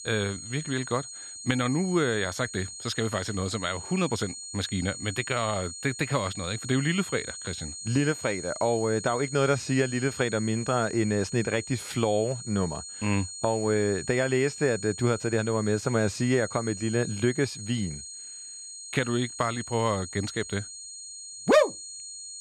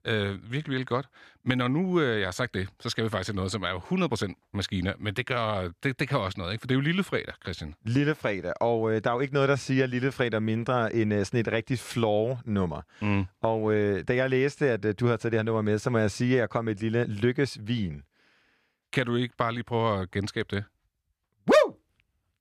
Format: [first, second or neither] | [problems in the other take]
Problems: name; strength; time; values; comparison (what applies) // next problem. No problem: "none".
second | high-pitched whine; loud; throughout; 7 kHz, 10 dB below the speech